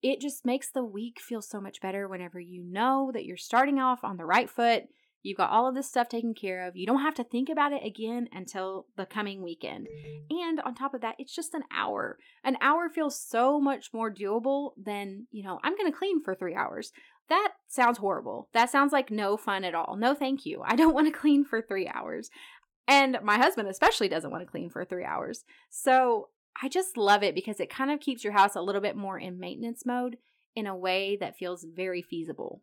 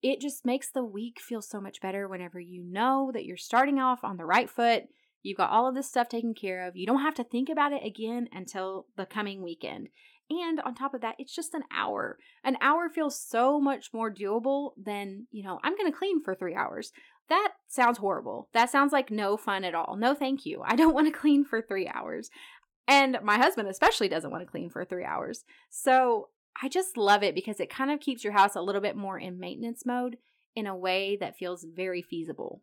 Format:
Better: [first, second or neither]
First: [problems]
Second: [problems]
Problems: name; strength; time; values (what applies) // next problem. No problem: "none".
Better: second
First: phone ringing; faint; at 10 s; peak 15 dB below the speech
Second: none